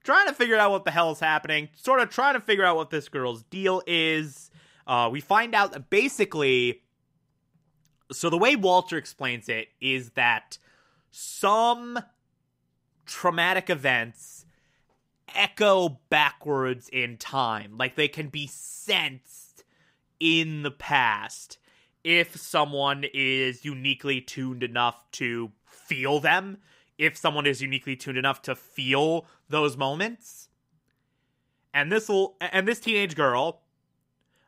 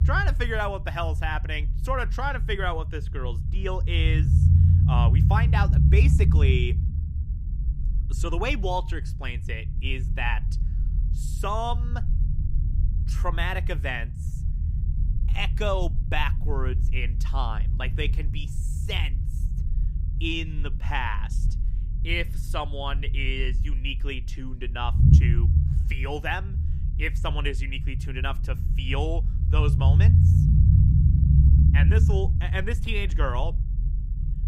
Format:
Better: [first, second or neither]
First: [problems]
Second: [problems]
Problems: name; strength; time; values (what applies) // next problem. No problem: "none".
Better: first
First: none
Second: low rumble; loud; throughout; 9 dB below the speech